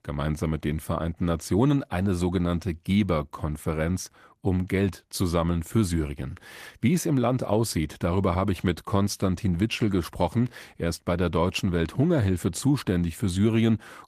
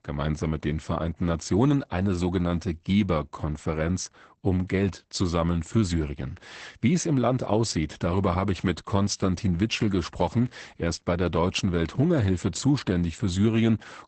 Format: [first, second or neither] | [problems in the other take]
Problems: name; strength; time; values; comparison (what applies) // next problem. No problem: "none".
first | garbled, watery; badly; nothing above 8 kHz; slightly in the first